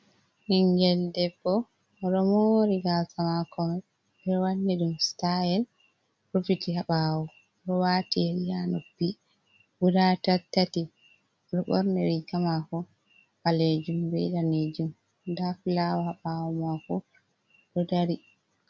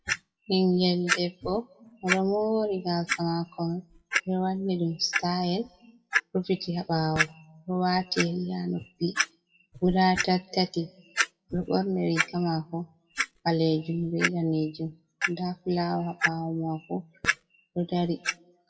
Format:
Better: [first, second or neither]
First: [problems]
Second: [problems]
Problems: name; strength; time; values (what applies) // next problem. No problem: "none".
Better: first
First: none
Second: noise reduction (classical method WPE with log-MMSE)